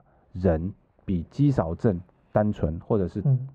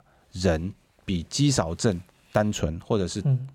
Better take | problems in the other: second | muffled; very; fading above 2.5 kHz

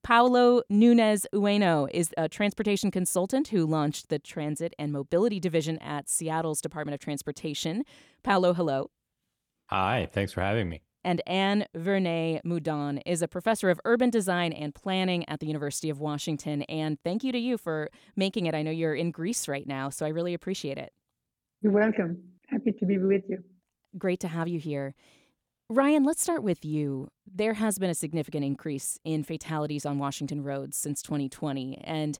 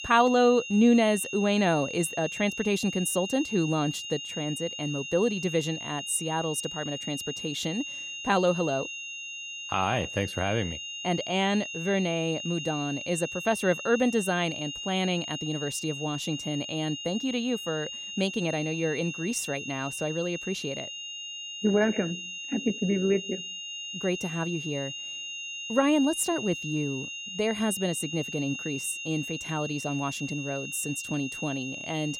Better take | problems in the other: first | high-pitched whine; loud; throughout; 3 kHz, 7 dB below the speech

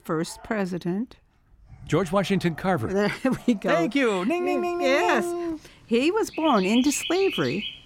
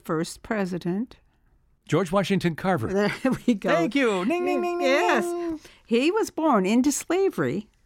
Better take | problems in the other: second | animal sounds; noticeable; throughout; 10 dB below the speech

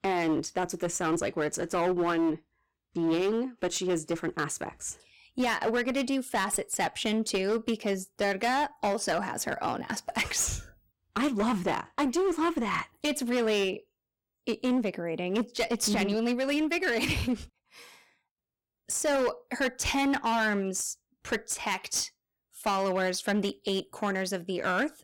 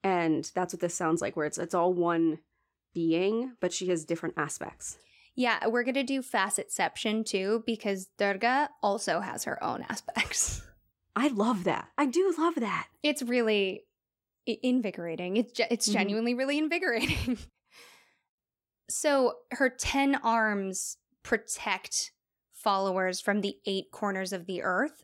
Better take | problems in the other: second | distortion; slight; 12% of the sound clipped

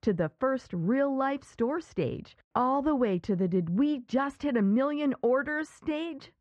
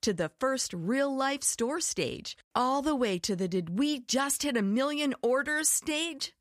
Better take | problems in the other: second | muffled; very; fading above 1.5 kHz

